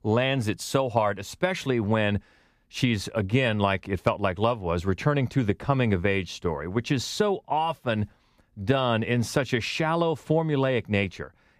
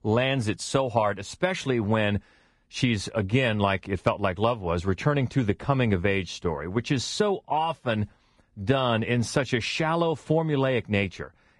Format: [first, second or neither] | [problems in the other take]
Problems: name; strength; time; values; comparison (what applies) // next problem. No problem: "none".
first | garbled, watery; slightly; nothing above 10 kHz